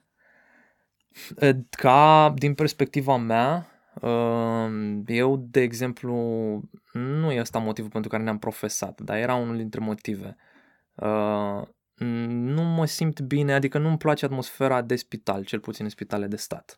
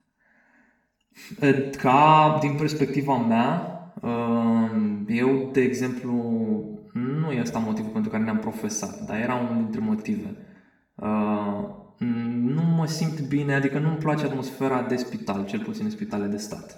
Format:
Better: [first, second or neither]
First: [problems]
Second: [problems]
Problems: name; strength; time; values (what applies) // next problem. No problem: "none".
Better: first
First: none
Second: room echo; noticeable; dies away in 0.8 s // off-mic speech; far